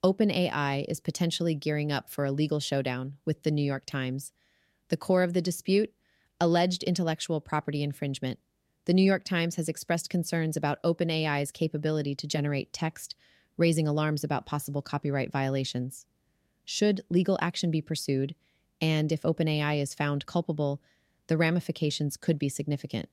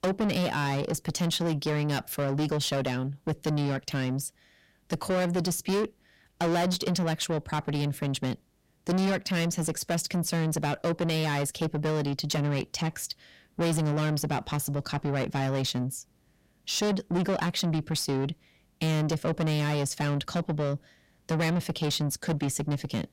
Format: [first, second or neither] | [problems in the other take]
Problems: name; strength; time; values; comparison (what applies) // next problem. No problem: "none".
first | distortion; heavy; 7 dB below the speech